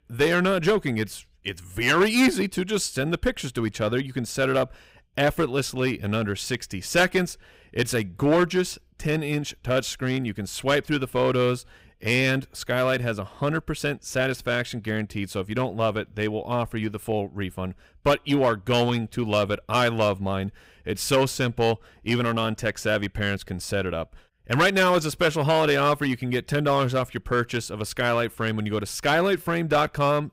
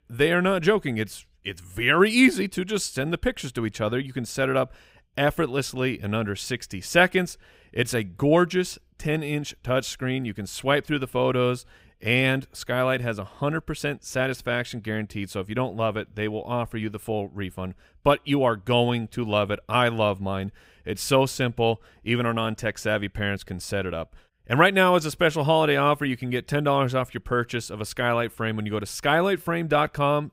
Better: second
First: distortion; slight; 4% of the sound clipped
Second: none

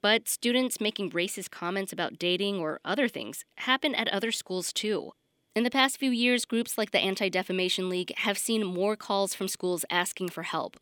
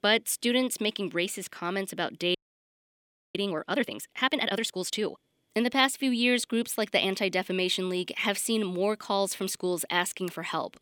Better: first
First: none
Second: audio freezing; at 2.5 s for 1 s

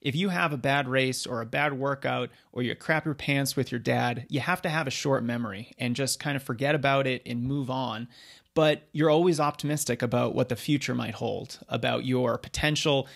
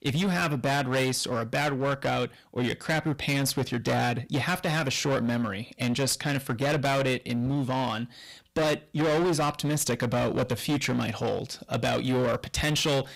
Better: first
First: none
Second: distortion; heavy; 19% of the sound clipped

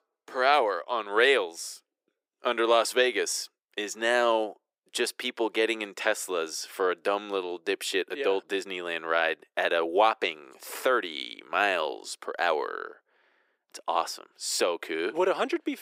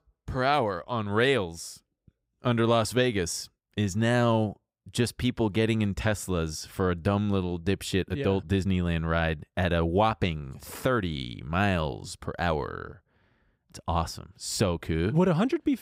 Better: second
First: thin; very; fading below 350 Hz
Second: none

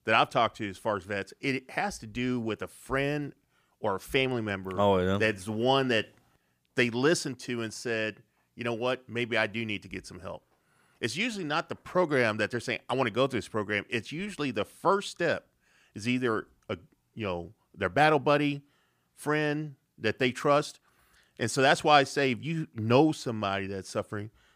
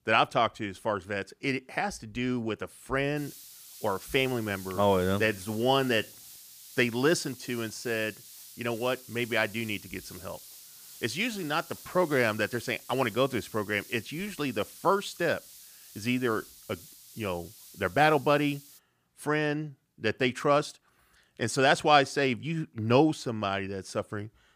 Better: first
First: none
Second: hiss; noticeable; from 3 to 19 s; 20 dB below the speech

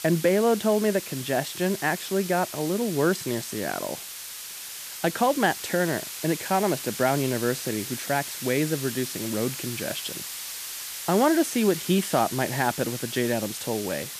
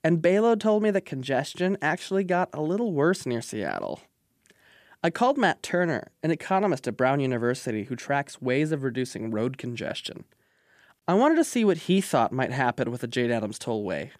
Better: second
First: hiss; loud; throughout; 7 dB below the speech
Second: none

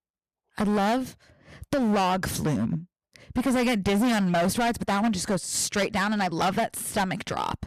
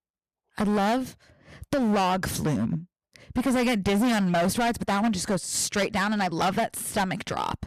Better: neither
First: distortion; heavy; 17% of the sound clipped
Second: distortion; heavy; 17% of the sound clipped

